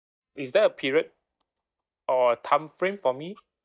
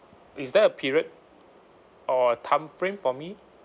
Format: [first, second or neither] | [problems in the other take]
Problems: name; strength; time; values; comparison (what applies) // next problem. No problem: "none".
second | noise reduction (neural mask model DeepFilterNet 3)